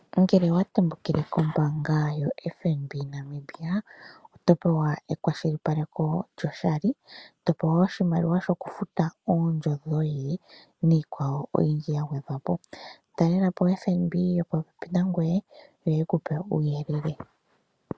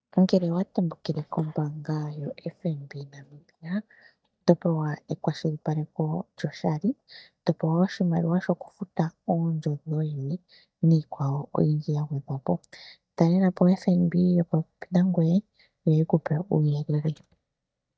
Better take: first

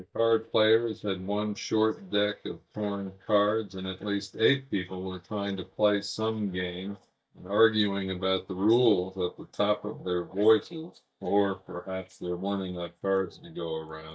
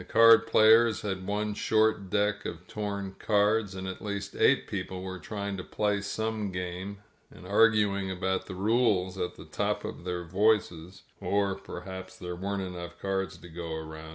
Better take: second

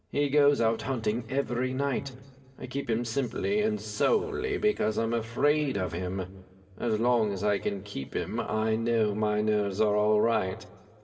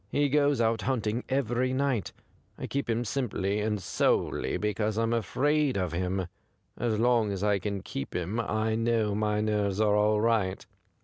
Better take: second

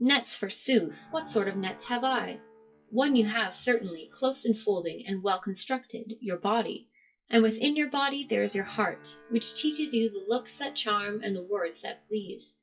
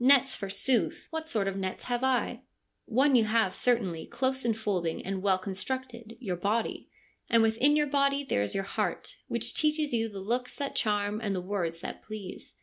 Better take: second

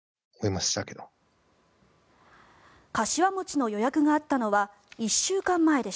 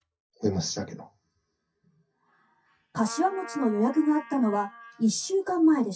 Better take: first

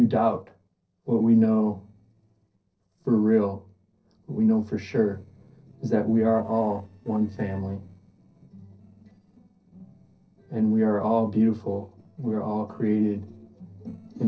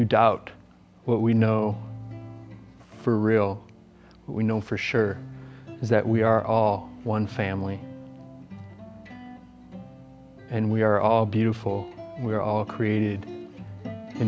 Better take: second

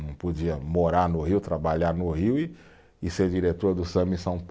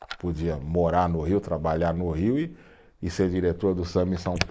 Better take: first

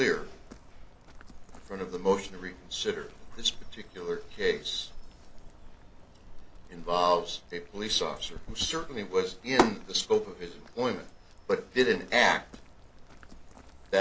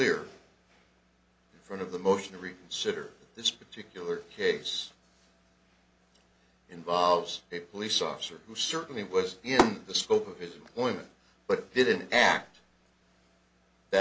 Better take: second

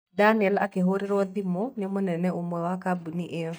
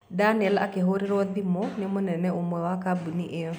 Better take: second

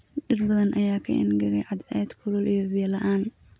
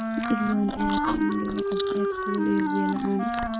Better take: first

